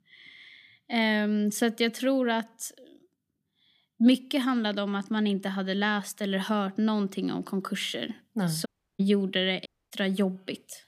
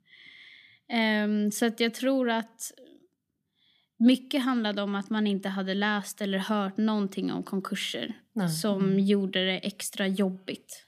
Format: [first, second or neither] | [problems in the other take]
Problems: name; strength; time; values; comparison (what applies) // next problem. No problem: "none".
second | audio cutting out; at 8.5 s and at 9.5 s